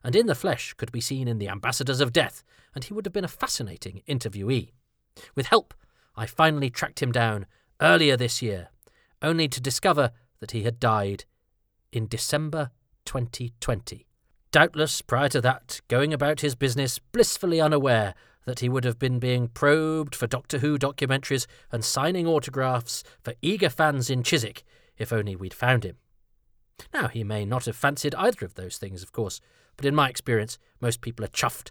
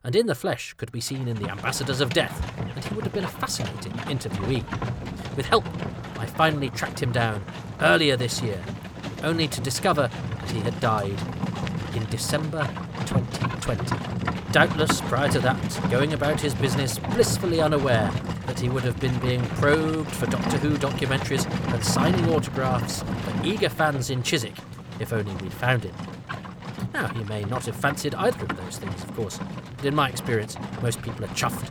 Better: first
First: none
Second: animal sounds; loud; throughout; 5 dB below the speech

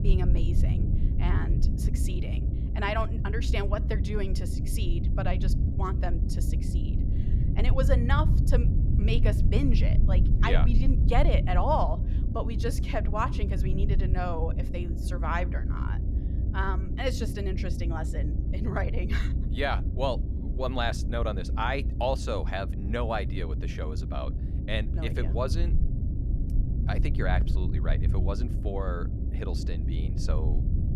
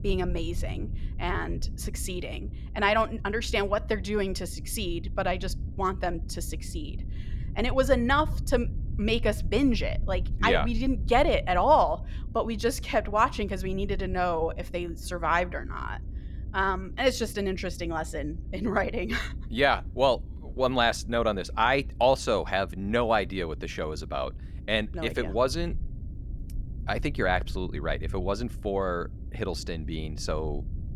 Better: second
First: low rumble; loud; throughout; 9 dB below the speech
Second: low rumble; faint; throughout; 25 dB below the speech

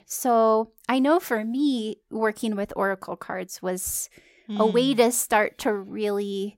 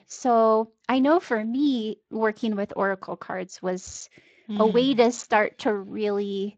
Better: first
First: none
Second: garbled, watery; slightly; nothing above 7.5 kHz

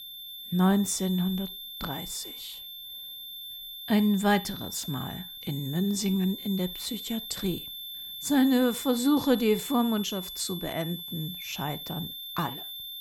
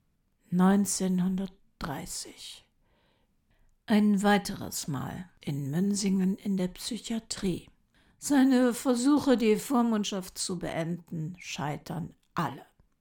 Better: second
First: high-pitched whine; loud; throughout; 3.5 kHz, 9 dB below the speech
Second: none

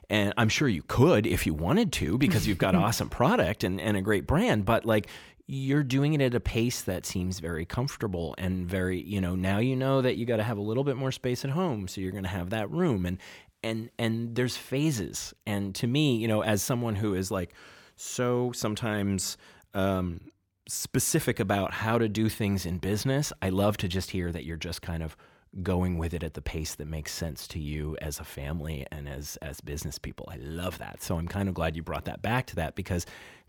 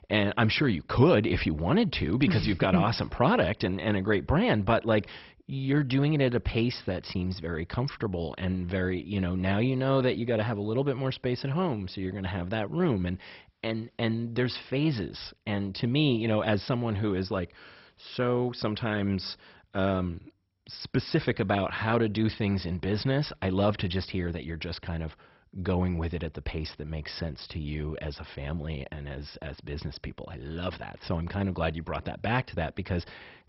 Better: first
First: none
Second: garbled, watery; badly; nothing above 5.5 kHz

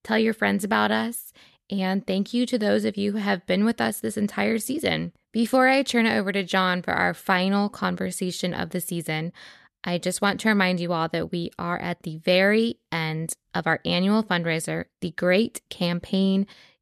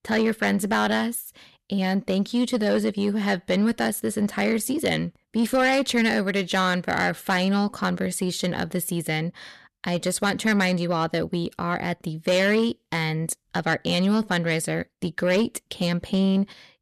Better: first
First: none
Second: distortion; slight; 10 dB below the speech

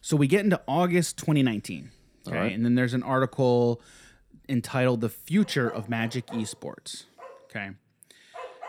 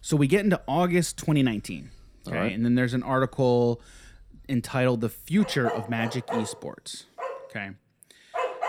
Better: first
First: animal sounds; faint; throughout; 20 dB below the speech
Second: animal sounds; loud; throughout; 9 dB below the speech

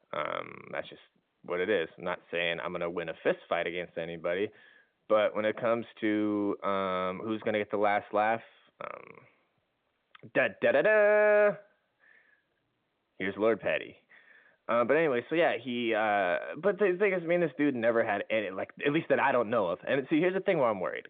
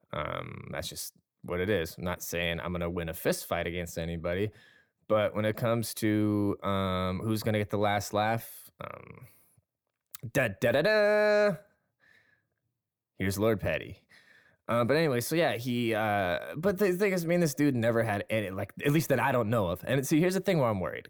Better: second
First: phone-call audio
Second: none

